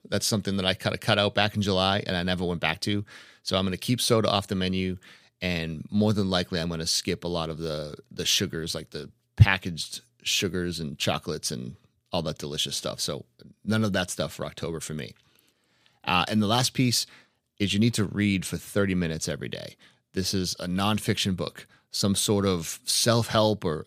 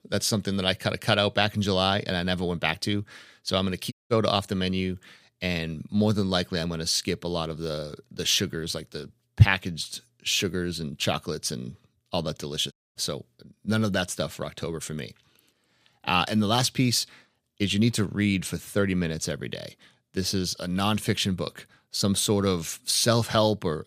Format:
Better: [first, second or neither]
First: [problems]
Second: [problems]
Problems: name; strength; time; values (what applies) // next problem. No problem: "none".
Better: first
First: none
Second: audio cutting out; at 4 s and at 13 s